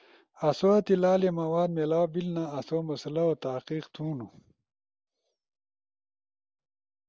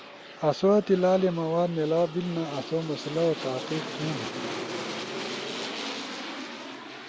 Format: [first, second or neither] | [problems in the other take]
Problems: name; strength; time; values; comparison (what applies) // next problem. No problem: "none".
first | background sound (Aircraft); 8 dB below the speech